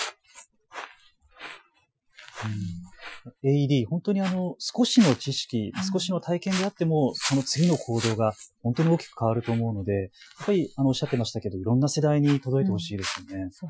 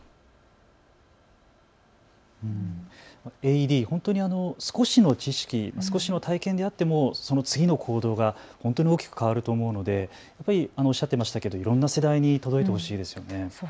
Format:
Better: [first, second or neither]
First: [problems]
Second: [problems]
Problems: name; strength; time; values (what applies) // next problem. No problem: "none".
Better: second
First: noise reduction (classical method Wiener filter)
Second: none